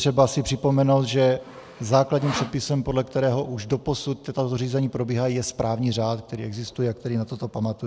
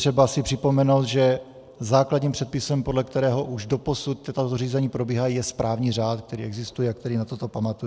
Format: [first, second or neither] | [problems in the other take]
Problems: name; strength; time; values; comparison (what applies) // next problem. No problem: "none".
second | background sound (Sawing); 14 dB below the speech